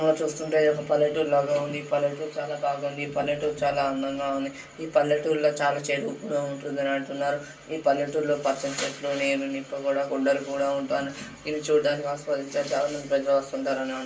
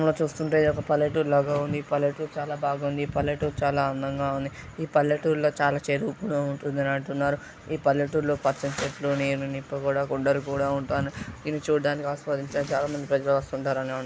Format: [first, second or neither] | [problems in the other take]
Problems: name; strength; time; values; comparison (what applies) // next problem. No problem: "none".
second | room echo; dies away in 0.3 s